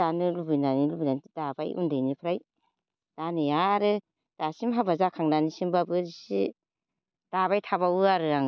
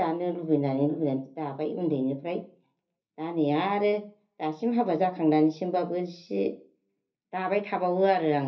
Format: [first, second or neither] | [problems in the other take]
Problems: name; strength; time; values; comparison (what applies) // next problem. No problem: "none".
first | room echo; dies away in 0.3 s